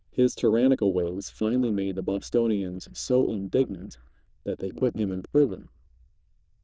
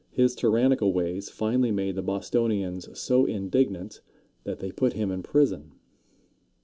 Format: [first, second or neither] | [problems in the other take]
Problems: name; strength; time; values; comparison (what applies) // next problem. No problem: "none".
second | noise reduction (neural diffusion model UNIVERSE++)